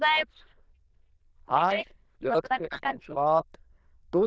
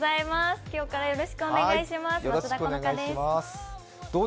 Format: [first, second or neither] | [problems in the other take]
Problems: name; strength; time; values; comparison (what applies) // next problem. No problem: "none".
second | noise reduction (neural diffusion model UNIVERSE++)